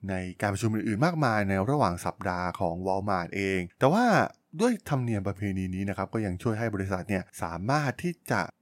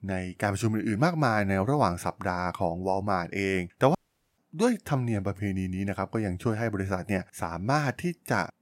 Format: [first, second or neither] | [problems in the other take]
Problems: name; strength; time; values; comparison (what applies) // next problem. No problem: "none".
first | audio cutting out; at 4 s